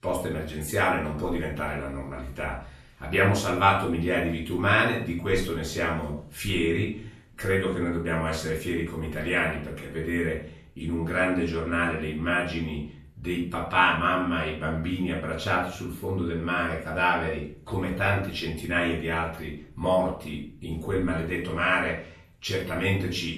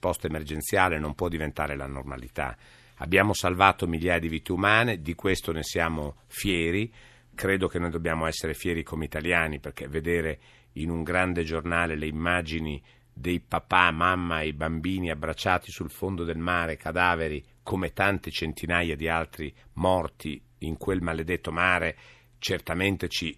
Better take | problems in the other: second | off-mic speech; far // room echo; noticeable; dies away in 0.4 s

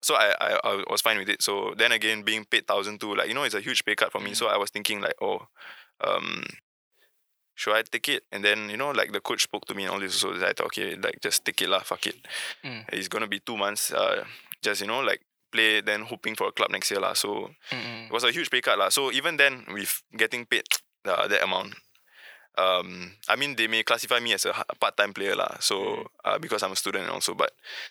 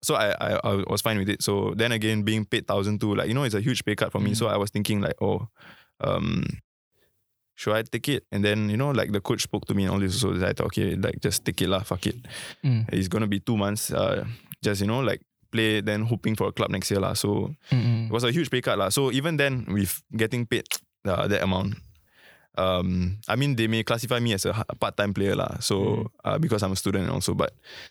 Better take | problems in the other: second | thin; very; fading below 500 Hz

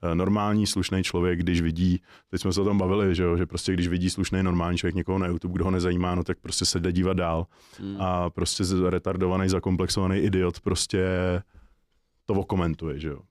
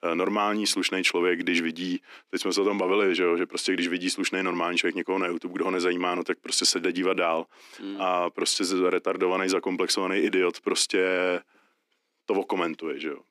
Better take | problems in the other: first | thin; somewhat; fading below 250 Hz

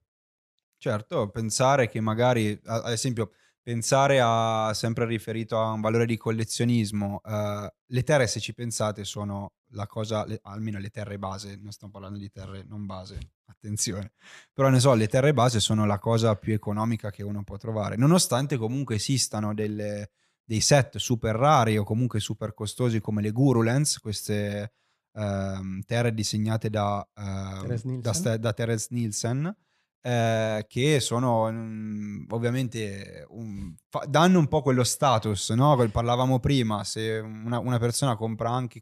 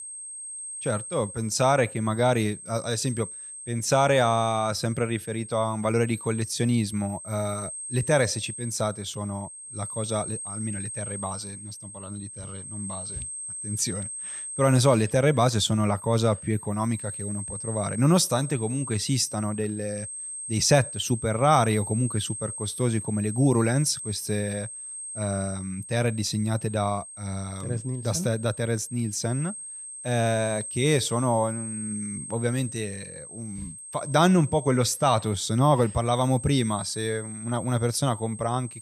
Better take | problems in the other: first | high-pitched whine; loud; throughout; 8.5 kHz, 10 dB below the speech

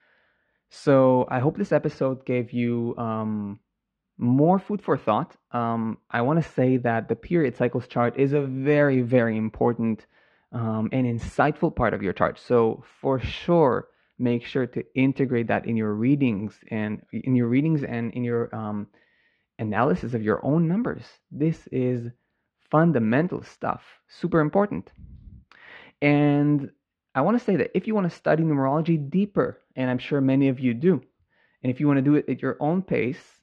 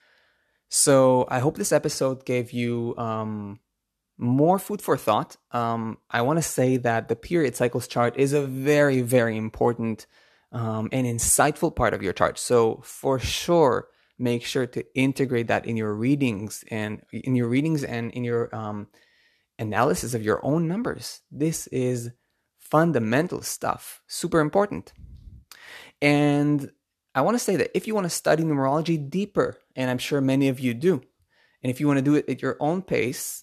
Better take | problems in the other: second | muffled; very; fading above 3 kHz

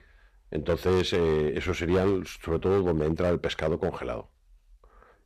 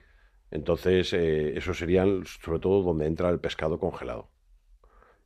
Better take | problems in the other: second | distortion; slight; 8% of the sound clipped

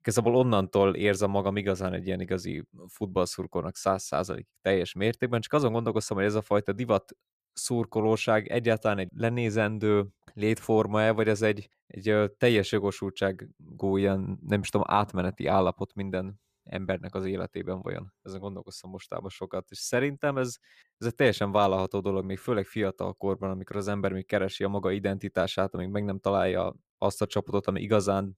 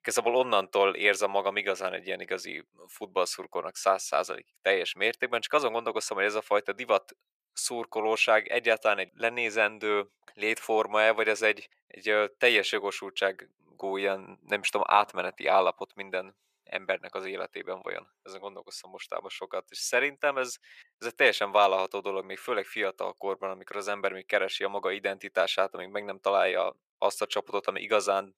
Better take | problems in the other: first | thin; very; fading below 650 Hz

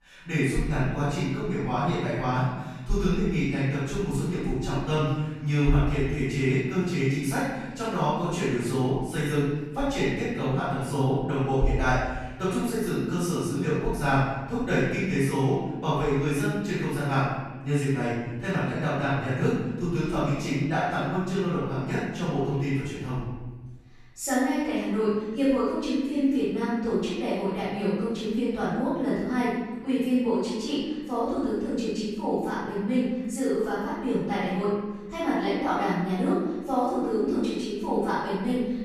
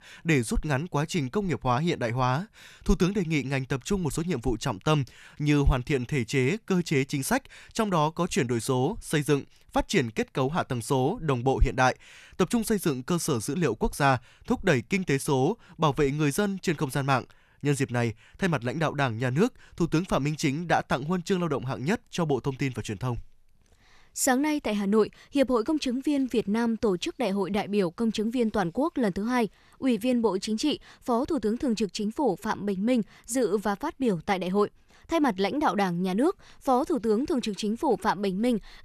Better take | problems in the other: second | off-mic speech; far // room echo; strong; dies away in 1.2 s

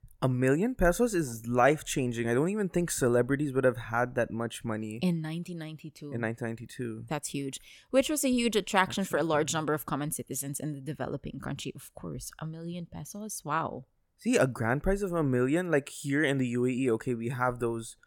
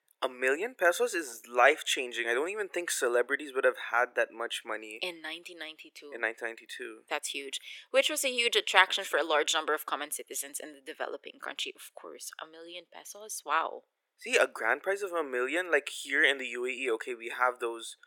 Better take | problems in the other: first | thin; very; fading below 400 Hz

